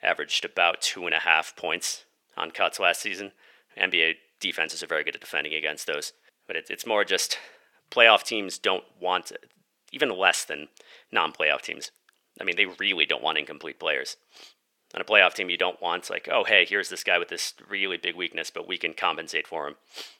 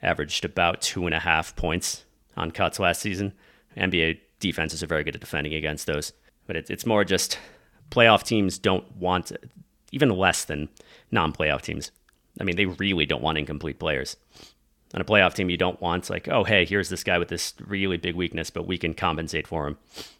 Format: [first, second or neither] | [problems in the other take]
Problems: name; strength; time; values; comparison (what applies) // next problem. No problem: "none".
second | thin; very; fading below 500 Hz